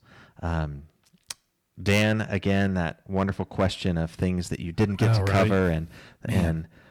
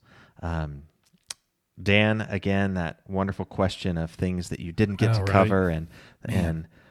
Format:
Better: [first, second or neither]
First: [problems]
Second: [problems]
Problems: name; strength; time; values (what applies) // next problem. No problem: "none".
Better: second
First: distortion; slight; 3% of the sound clipped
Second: none